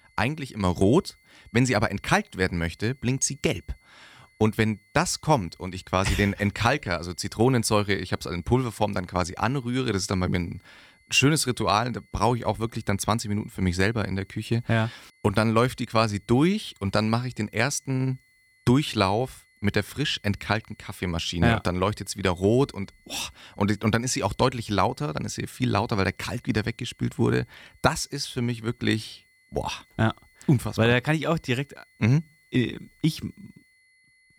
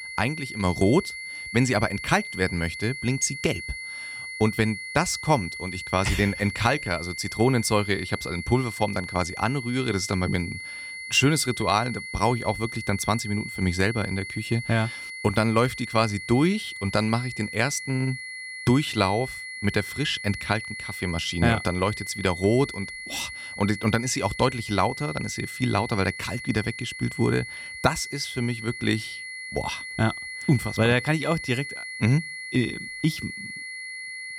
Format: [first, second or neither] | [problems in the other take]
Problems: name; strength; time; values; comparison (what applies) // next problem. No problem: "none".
first | high-pitched whine; loud; throughout; 2 kHz, 9 dB below the speech; faint in the first